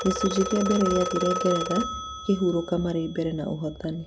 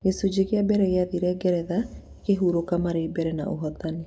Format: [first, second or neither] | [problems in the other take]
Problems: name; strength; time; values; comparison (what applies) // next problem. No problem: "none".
second | background sound (Telephone); 6 dB below the speech